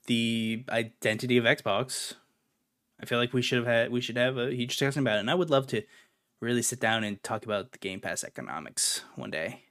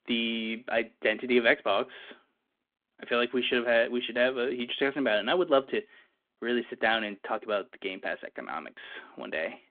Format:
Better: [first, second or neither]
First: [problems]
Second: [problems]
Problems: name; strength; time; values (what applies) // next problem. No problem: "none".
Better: first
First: none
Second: phone-call audio; nothing above 3.5 kHz